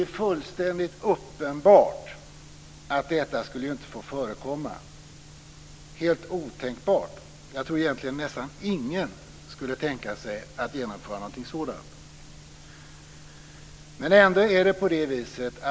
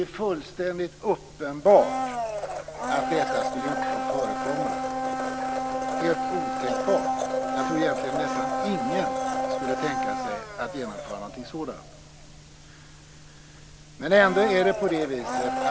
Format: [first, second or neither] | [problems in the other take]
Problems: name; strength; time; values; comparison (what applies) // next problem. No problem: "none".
first | background sound (Domestic sounds, home sounds); 2 dB below the speech